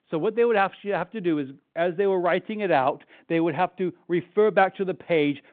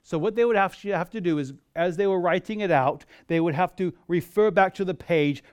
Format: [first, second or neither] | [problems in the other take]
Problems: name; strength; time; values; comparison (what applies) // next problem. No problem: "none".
second | phone-call audio; nothing above 3.5 kHz